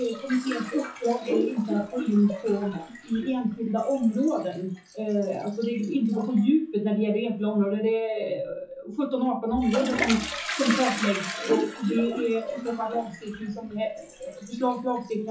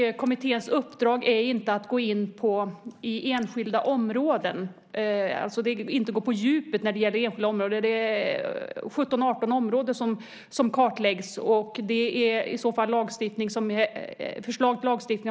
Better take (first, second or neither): second